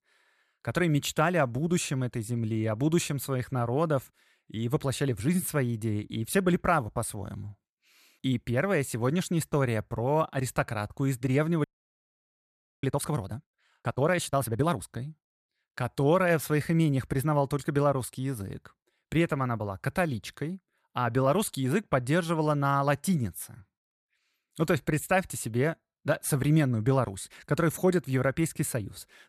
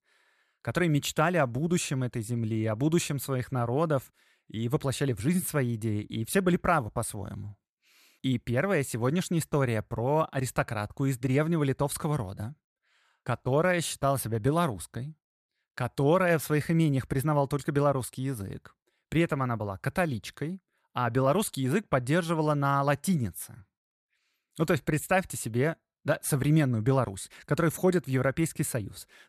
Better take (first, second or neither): second